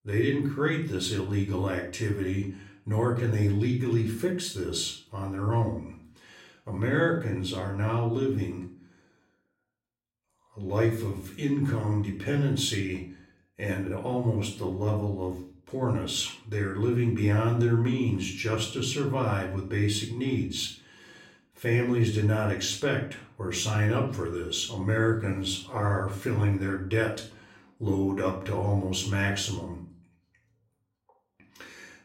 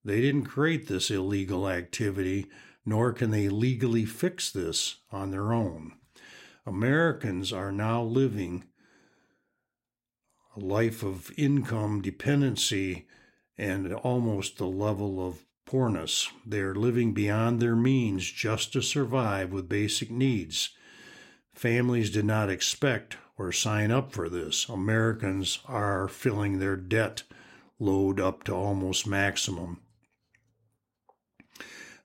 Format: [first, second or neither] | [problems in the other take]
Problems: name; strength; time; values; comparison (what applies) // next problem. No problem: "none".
second | off-mic speech; somewhat distant // room echo; slight; dies away in 0.4 s